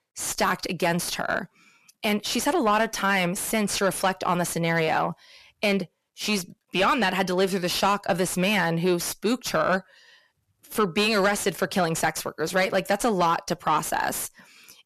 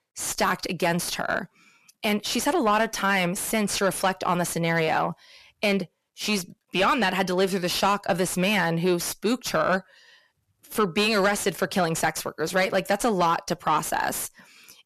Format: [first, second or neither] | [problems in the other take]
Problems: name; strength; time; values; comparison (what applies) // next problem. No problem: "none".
neither | distortion; heavy; 8 dB below the speech; the same in both